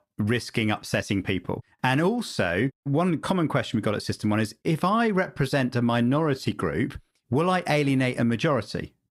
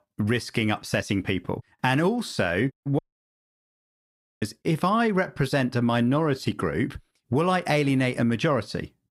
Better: first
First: none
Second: audio cutting out; at 3 s for 1.5 s

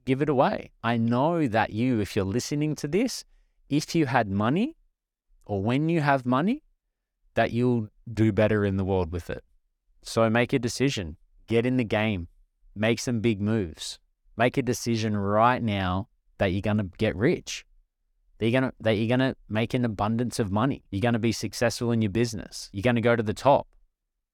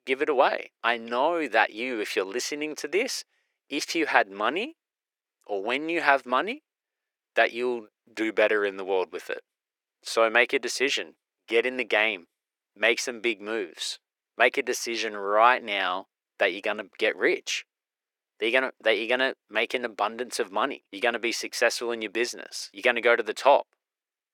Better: first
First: none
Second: thin; very; fading below 400 Hz

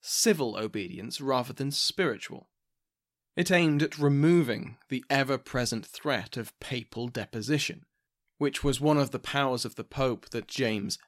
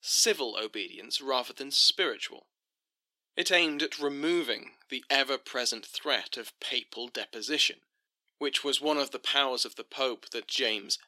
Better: first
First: none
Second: thin; somewhat; fading below 300 Hz

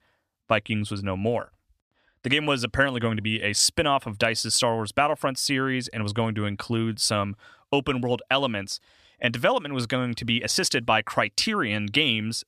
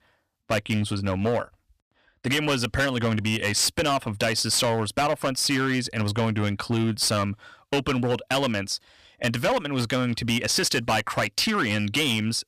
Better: first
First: none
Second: distortion; heavy; 12% of the sound clipped

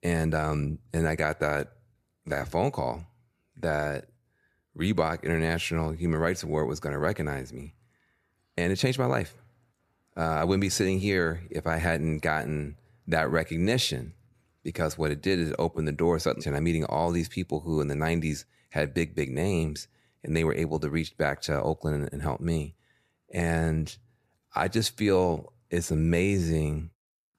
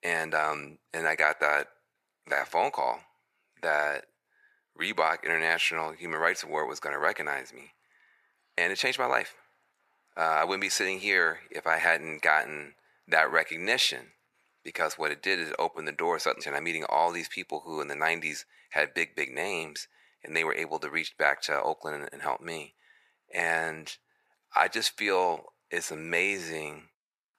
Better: first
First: none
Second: thin; very; fading below 500 Hz

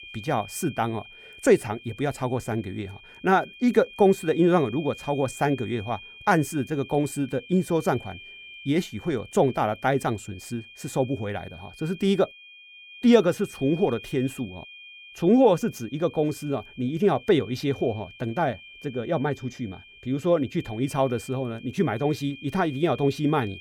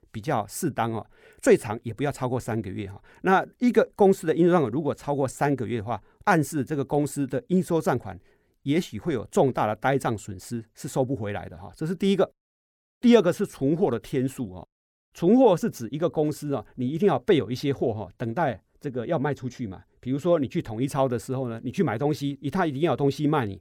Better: second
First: high-pitched whine; noticeable; throughout; 2.5 kHz, 20 dB below the speech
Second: none

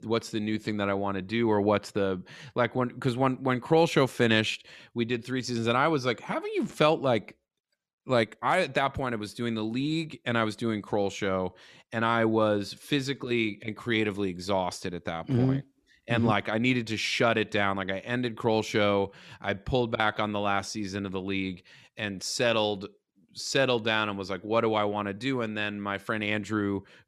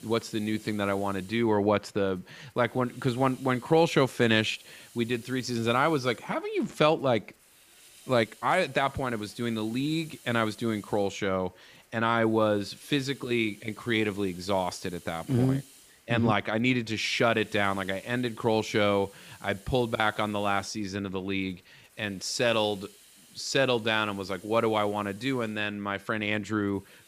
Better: first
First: none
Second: hiss; faint; throughout; 25 dB below the speech

